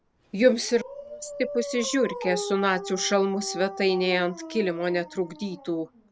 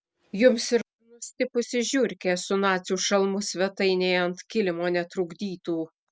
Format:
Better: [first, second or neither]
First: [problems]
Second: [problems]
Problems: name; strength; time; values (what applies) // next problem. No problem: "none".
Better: second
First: background sound (Dog); 12 dB below the speech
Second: none